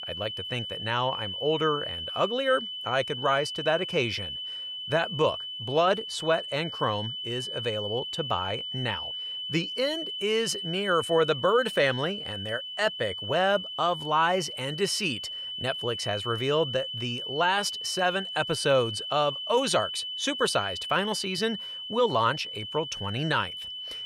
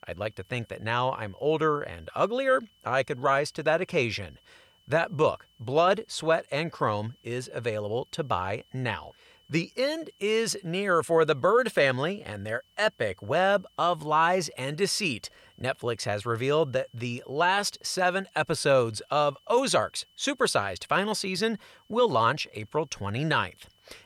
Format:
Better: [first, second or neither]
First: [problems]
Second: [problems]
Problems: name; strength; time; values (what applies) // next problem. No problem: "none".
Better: second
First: high-pitched whine; loud; throughout; 3 kHz, 5 dB below the speech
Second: high-pitched whine; faint; throughout; 3 kHz, 35 dB below the speech